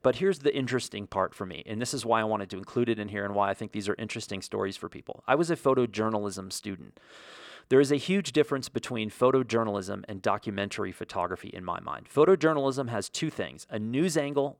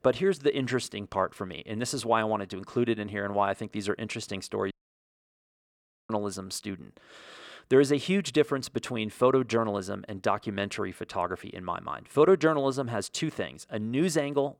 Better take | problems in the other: first | audio cutting out; at 4.5 s for 1.5 s

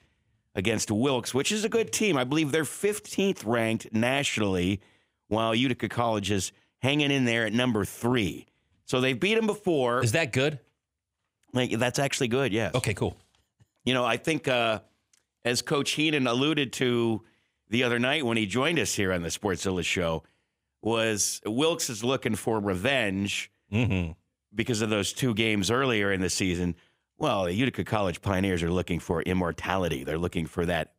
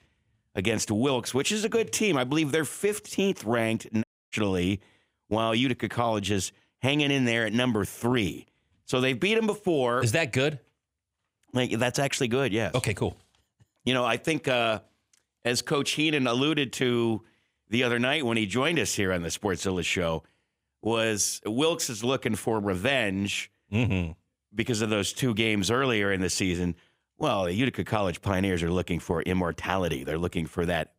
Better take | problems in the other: first | audio cutting out; at 4 s

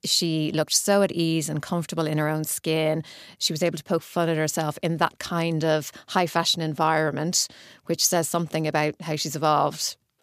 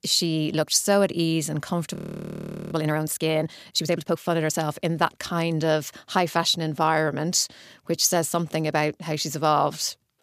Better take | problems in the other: first | audio freezing; at 2 s for 1 s

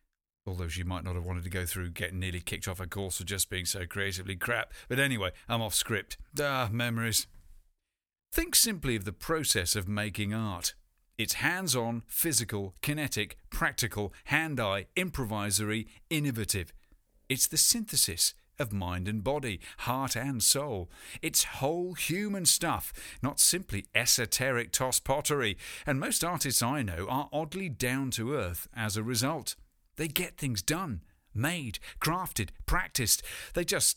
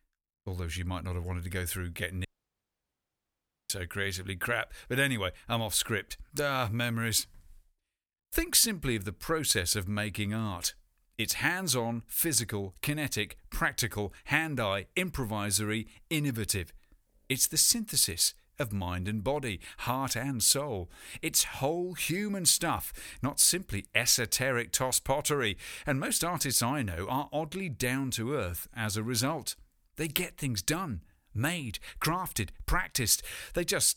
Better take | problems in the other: first | audio cutting out; at 2.5 s for 1.5 s

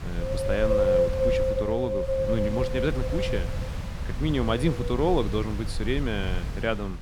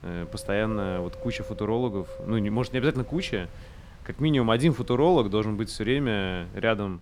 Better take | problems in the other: second | wind noise on the microphone; heavy; 4 dB above the speech; occasional gusts in the second

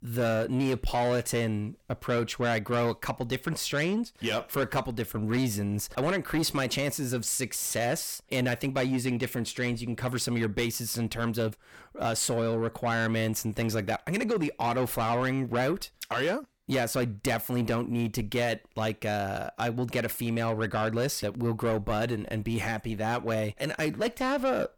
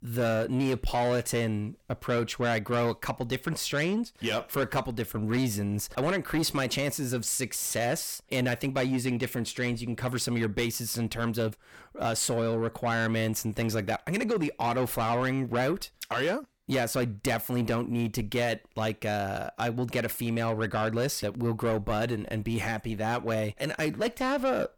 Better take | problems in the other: neither | distortion; slight; 10 dB below the speech; the same in both

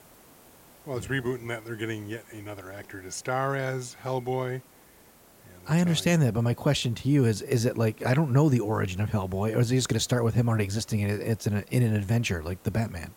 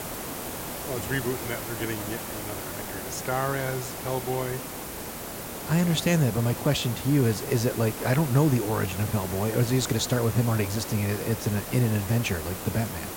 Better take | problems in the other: first | hiss; loud; throughout; 7 dB below the speech; faint in the first

